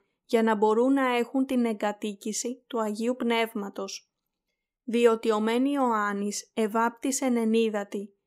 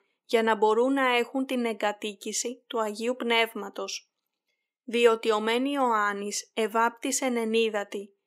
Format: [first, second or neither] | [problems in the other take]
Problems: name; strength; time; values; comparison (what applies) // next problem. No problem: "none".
first | thin; very slightly; fading below 300 Hz